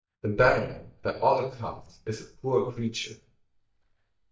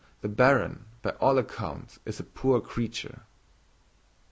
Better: second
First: noise reduction (neural mask model DeepFilterNet 3)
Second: none

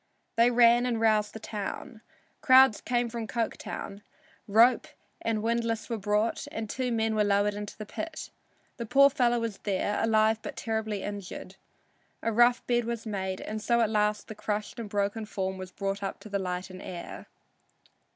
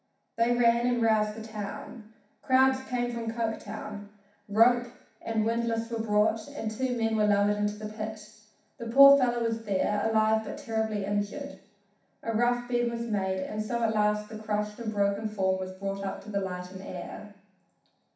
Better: first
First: none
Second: room echo; dies away in 0.7 s

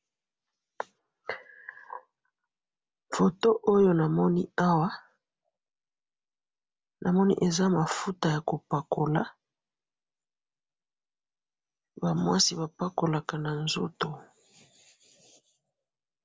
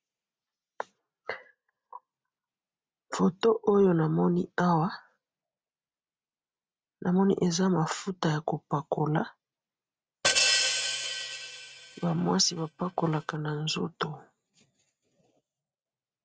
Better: first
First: none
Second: noise reduction (neural mask model RNNoise)

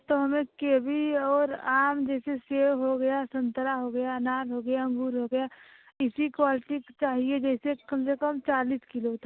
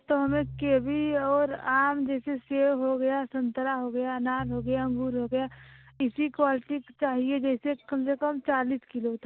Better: first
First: none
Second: background sound (Piano); 19 dB below the speech

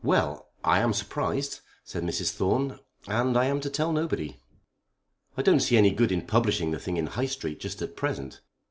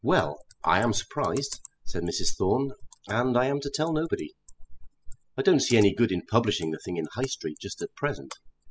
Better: first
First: none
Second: noise reduction (classical method spectral subtraction)

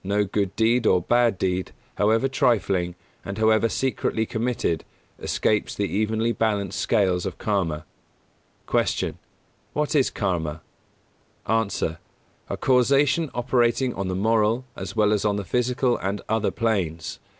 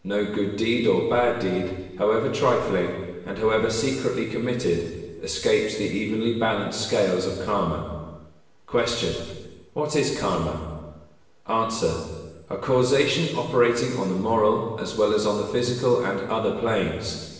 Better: first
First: none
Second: room echo; dies away in 1.2 s

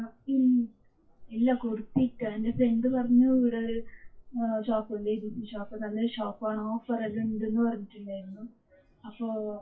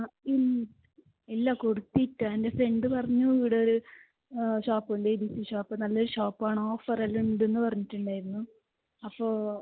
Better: second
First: noise reduction (classical method WPE with log-MMSE)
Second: none

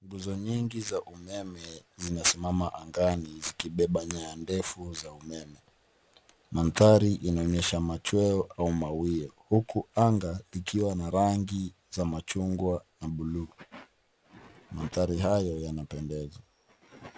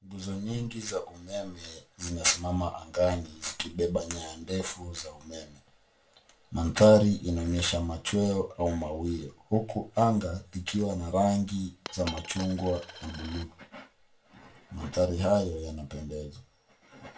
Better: first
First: none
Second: background sound (Coin (dropping)); 17 dB below the speech // room echo; dies away in 0.2 s

